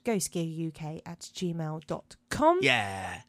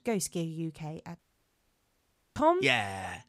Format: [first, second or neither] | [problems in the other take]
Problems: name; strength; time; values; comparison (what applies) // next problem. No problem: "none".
first | audio cutting out; at 1 s for 1 s